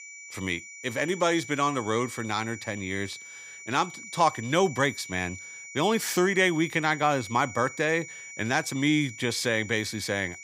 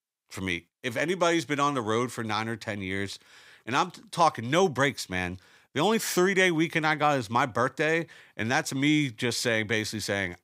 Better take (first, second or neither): second